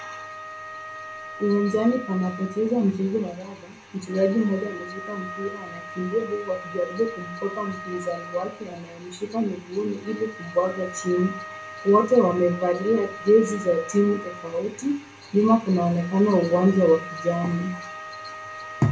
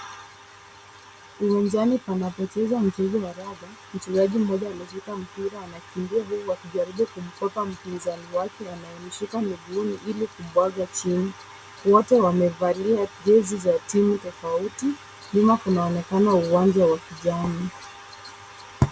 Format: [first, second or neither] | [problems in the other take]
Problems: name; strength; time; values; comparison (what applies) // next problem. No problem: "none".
second | background sound (Wind instrument, woodwind instrument); 14 dB below the speech // room echo; dies away in 0.3 s